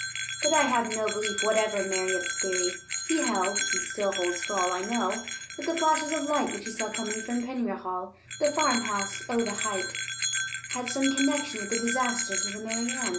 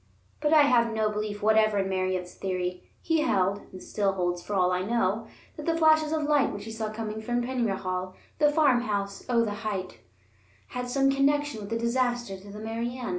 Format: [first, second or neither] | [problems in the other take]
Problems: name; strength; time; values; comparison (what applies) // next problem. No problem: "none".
second | background sound (Bell); 3 dB below the speech